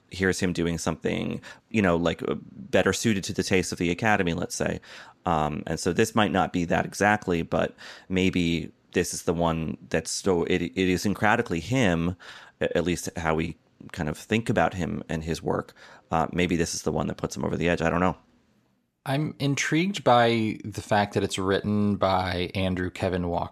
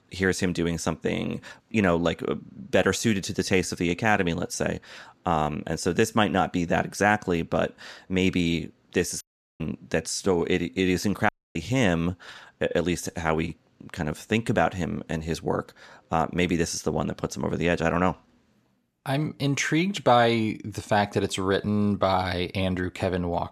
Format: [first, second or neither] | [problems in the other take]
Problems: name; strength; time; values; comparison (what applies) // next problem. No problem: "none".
first | audio cutting out; at 9 s and at 11 s